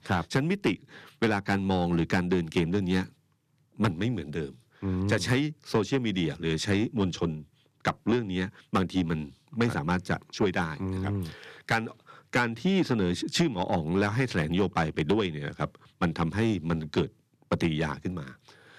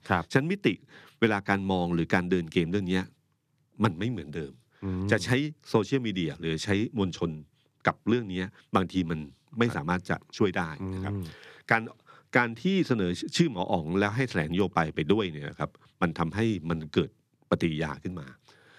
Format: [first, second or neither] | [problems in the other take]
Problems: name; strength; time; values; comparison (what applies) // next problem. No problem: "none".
second | distortion; slight; 10 dB below the speech